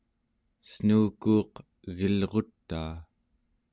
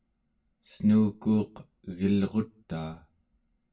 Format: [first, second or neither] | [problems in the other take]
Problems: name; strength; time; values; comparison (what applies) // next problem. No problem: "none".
first | room echo; dies away in 0.2 s